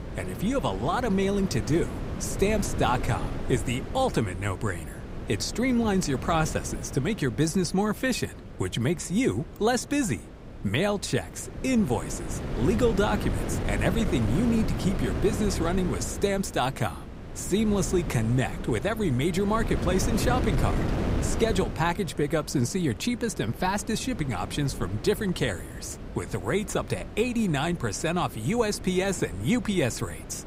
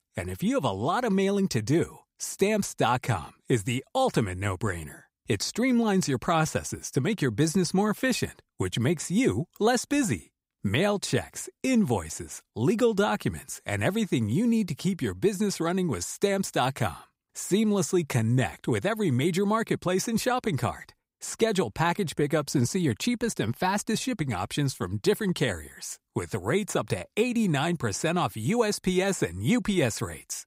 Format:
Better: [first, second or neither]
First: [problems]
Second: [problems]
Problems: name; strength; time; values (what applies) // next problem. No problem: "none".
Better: second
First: wind noise on the microphone; occasional gusts; 10 dB below the speech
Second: none